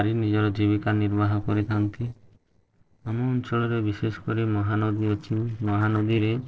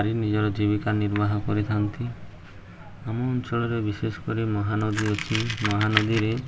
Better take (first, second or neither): second